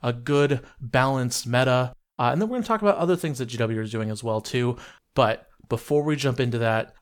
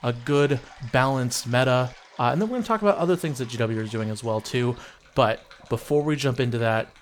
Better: first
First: none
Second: rain or running water; faint; throughout; 25 dB below the speech

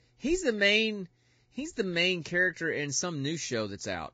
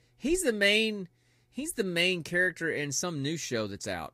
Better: second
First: garbled, watery; badly; nothing above 7.5 kHz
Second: garbled, watery; slightly

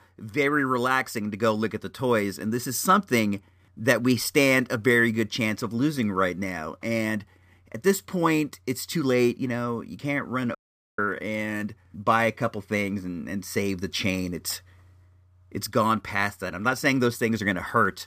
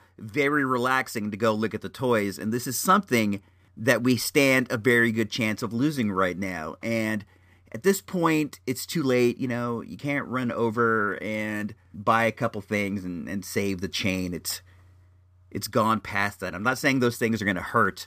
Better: second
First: audio cutting out; at 11 s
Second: none

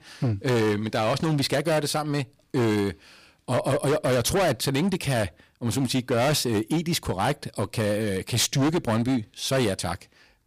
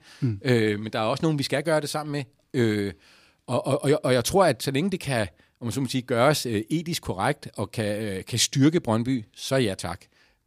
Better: second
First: distortion; heavy; 16% of the sound clipped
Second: none

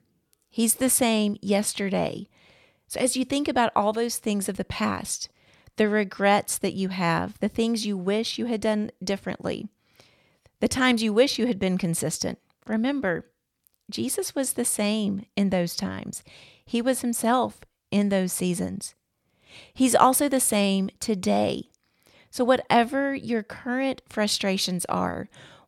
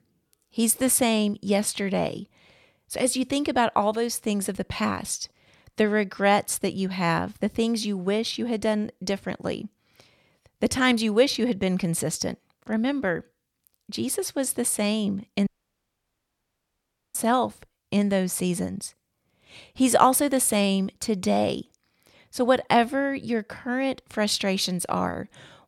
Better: first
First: none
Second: audio cutting out; at 15 s for 1.5 s

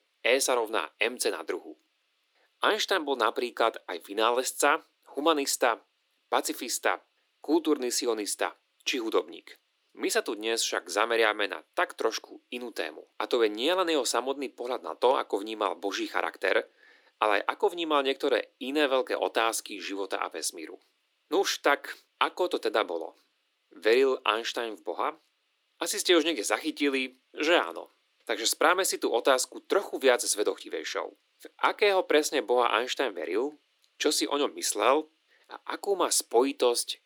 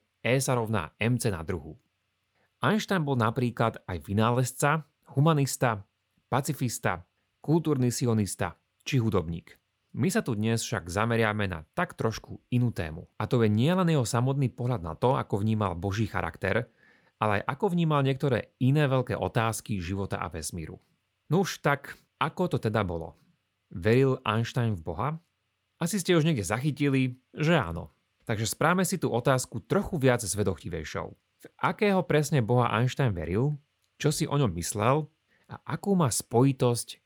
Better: second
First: thin; very; fading below 300 Hz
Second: none

